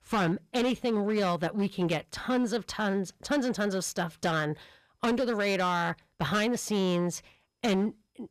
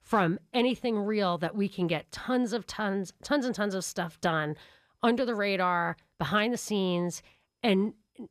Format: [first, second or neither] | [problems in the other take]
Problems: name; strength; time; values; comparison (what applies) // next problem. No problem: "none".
second | distortion; slight; 10% of the sound clipped